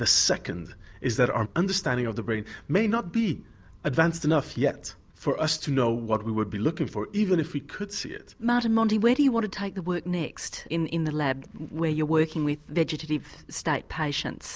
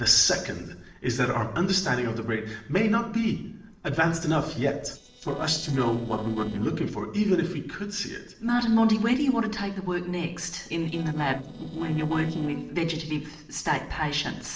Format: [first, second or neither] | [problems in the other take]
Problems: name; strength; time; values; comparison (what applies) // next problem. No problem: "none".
first | noise reduction (neural separator model SepFormer DNS4)